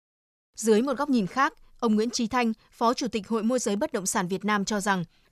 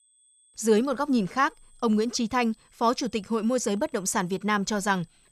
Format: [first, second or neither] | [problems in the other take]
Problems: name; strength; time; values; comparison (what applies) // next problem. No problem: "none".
first | high-pitched whine; faint; throughout; 8 kHz, 35 dB below the speech